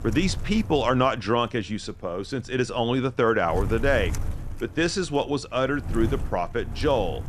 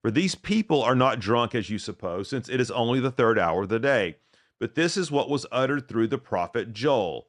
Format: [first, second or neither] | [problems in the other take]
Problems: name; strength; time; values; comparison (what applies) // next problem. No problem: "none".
second | wind noise on the microphone; occasional gusts; 20 dB below the speech